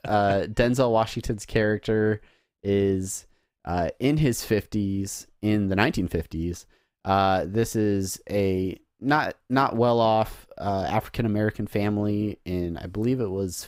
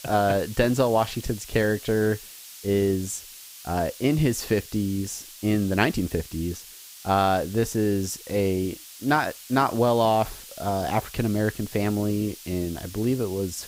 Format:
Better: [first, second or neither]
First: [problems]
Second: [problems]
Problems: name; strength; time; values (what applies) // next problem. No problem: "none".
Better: first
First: none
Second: hiss; noticeable; throughout; 15 dB below the speech